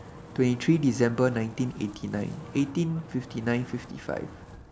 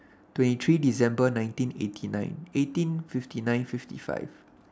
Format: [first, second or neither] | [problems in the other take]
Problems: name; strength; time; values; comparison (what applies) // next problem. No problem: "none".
second | background sound (Wind); 17 dB below the speech